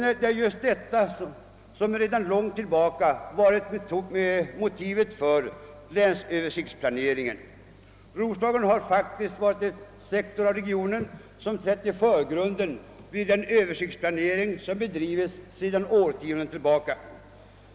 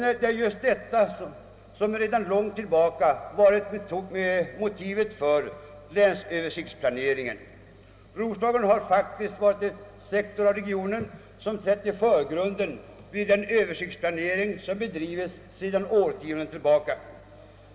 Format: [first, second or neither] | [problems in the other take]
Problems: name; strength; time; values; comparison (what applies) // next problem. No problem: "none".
first | room echo; dies away in 1.6 s